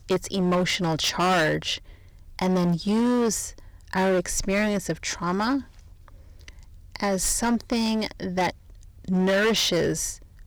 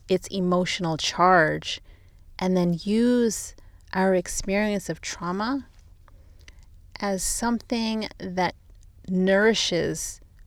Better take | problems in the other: second | distortion; heavy; 11% of the sound clipped

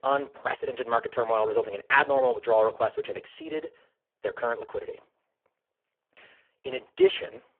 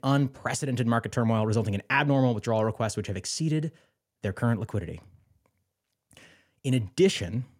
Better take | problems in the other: second | phone-call audio; poor line

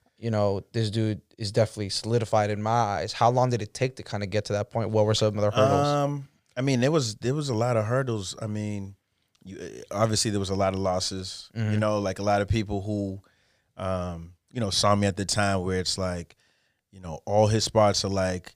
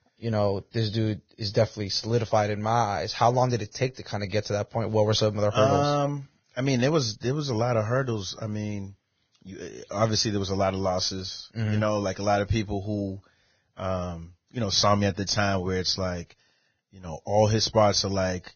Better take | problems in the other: first | garbled, watery; badly; nothing above 6.5 kHz

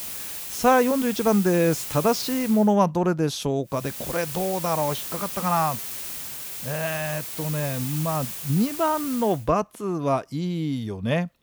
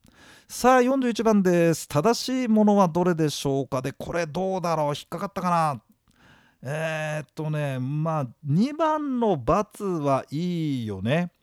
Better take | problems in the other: second | hiss; loud; until 2.5 s and from 4 to 9.5 s; 7 dB below the speech

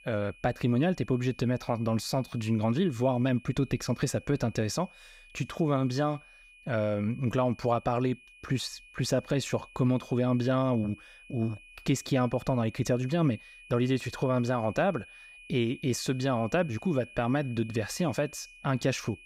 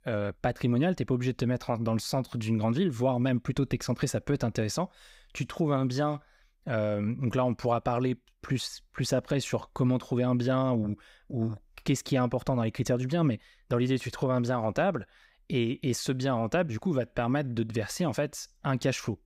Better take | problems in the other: second | high-pitched whine; faint; throughout; 2.5 kHz, 20 dB below the speech

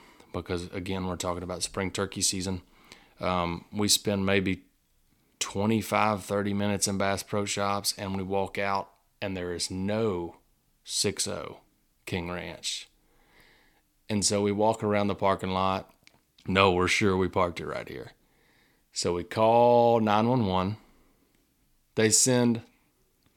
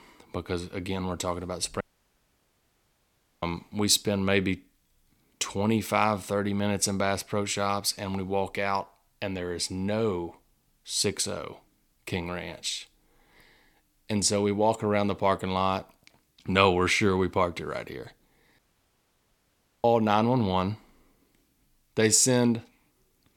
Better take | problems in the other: first | audio cutting out; at 2 s for 1.5 s and at 19 s for 1.5 s

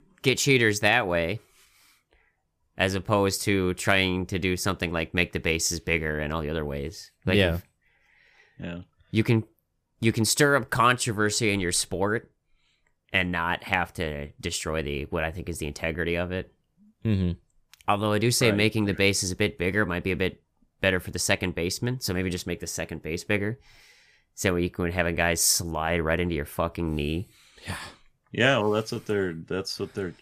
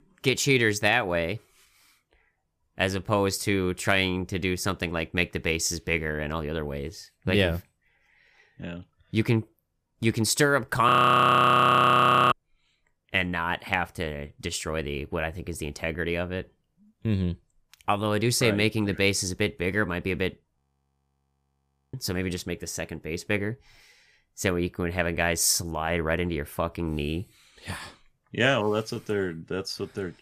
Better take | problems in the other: first | audio freezing; at 11 s for 1.5 s and at 21 s for 1.5 s

